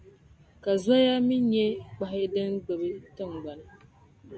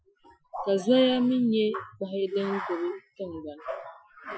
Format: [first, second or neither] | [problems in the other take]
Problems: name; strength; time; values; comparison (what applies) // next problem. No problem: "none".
first | noise reduction (classical method Wiener filter)